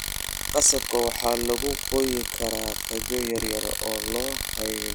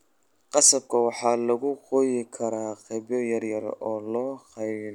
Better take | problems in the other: second | background sound (Tools); 3 dB below the speech

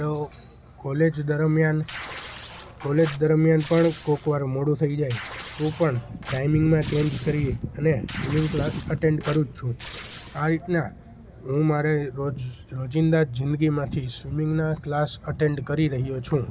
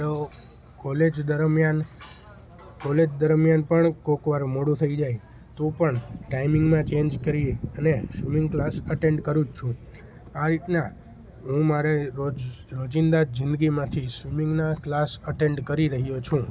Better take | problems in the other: second | background sound (Tearing); 17 dB below the speech

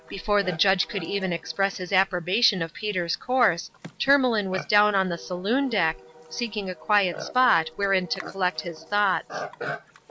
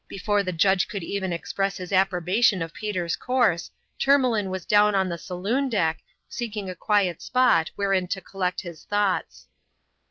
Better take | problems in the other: second | background sound (Livestock, farm animals, working animals); 15 dB below the speech

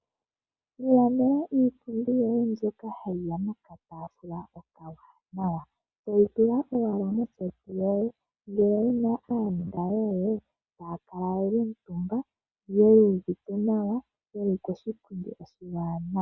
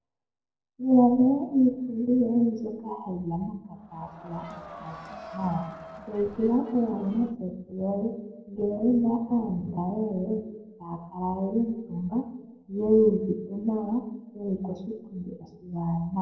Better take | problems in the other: first | noise reduction (neural separator model SepFormer DNS4)

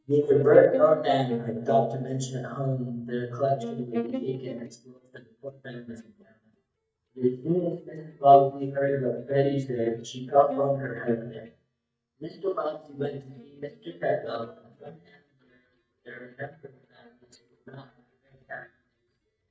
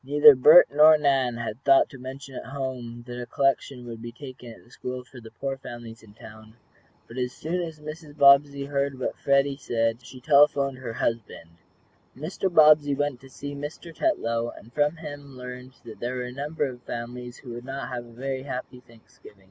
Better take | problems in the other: second | noise reduction (neural mask model DeepFilterNet 3)

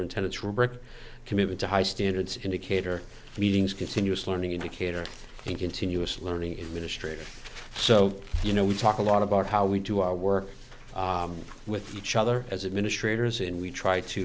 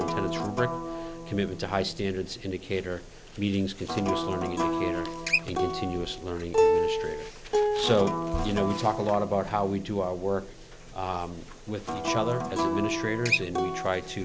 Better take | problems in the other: first | background sound (Acoustic guitar); 1 dB below the speech

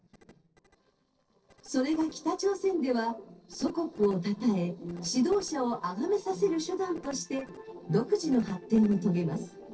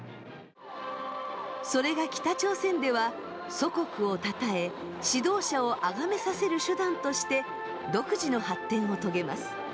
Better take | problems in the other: second | noise reduction (neural separator model SepFormer DNS4)

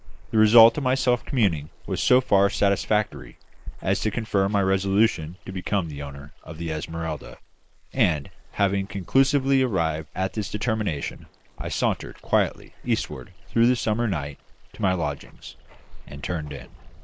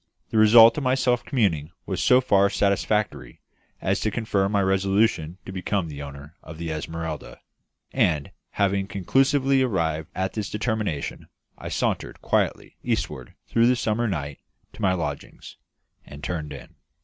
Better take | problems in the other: second | noise reduction (neural mask model Resemble Enhance denoiser)

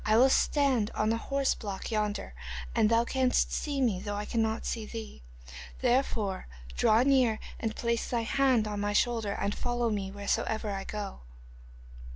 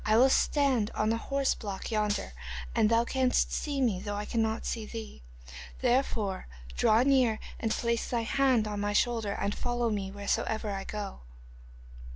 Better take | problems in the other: first | background sound (Gunshot, gunfire); 14 dB below the speech

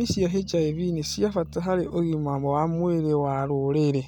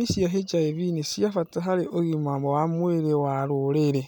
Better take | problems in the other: second | noise reduction (neural mask model RNNoise)

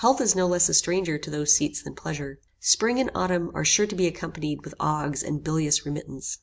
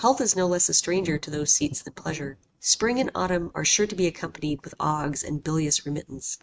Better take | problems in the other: first | noise reduction (neural mask model RNNoise)

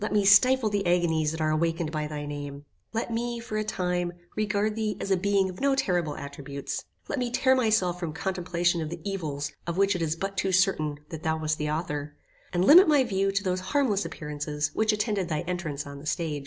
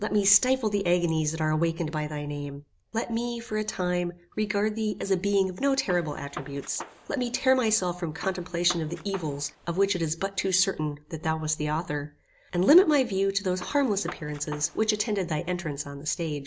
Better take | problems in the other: first | background sound (Gunshot, gunfire); 16 dB below the speech

